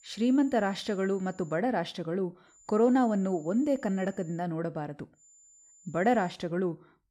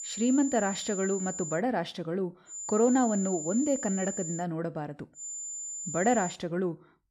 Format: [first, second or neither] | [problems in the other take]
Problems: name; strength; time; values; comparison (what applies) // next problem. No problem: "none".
first | high-pitched whine; loud; until 1.5 s, from 2.5 to 4.5 s and from 5 to 6.5 s; 7 kHz, 7 dB below the speech; faint in the first